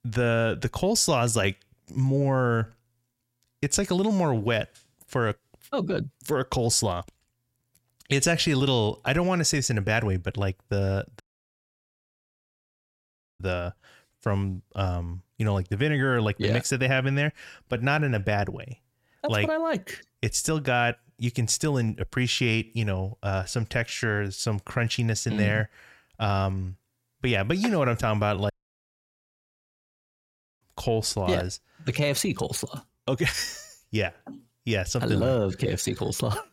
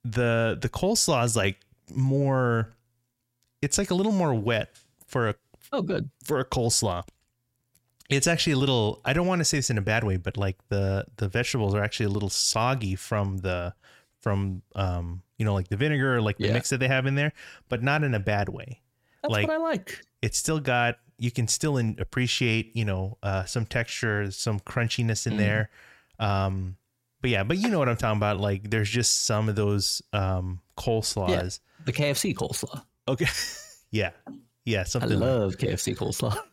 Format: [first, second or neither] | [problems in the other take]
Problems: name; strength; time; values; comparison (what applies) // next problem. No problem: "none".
second | audio cutting out; at 11 s for 2 s and at 29 s for 2 s